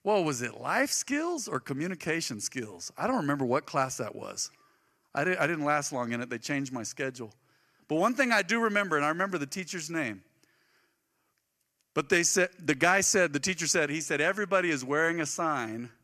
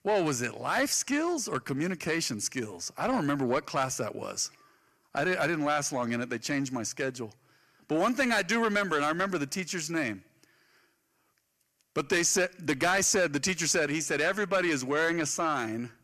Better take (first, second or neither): first